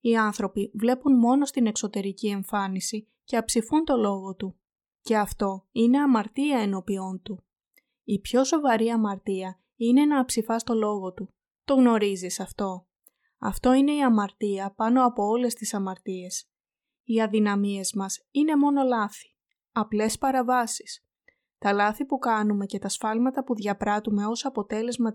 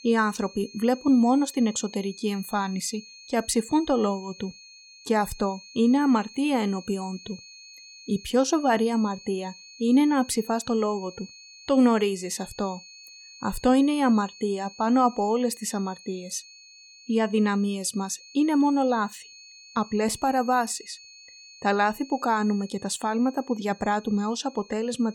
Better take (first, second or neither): first